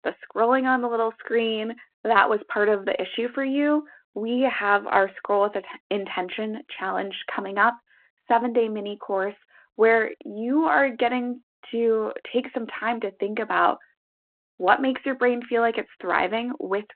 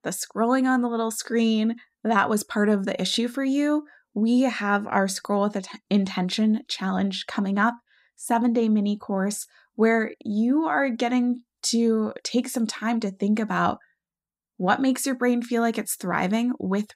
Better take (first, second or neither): second